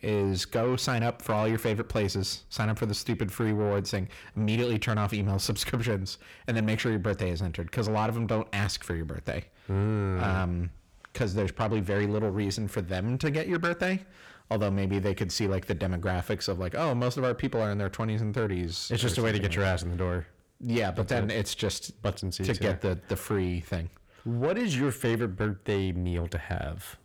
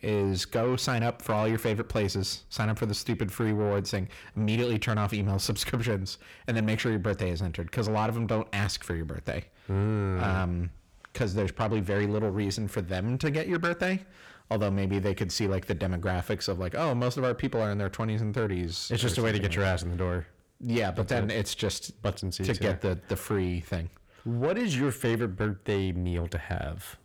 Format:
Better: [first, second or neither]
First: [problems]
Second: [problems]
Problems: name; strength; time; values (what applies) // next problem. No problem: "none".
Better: neither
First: distortion; slight; 10 dB below the speech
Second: distortion; slight; 10 dB below the speech